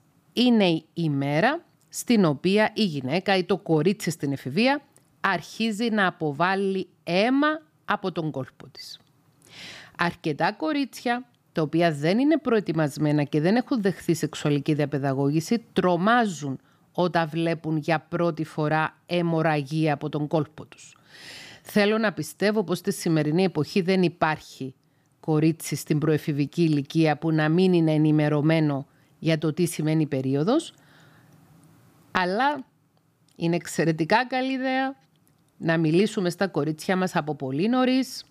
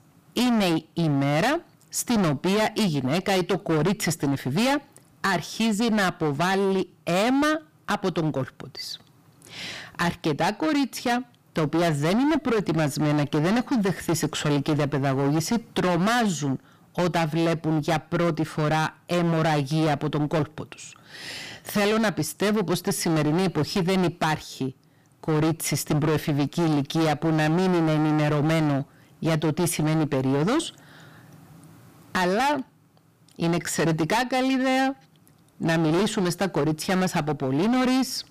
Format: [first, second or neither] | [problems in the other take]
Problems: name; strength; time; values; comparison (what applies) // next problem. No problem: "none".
first | distortion; heavy; 24% of the sound clipped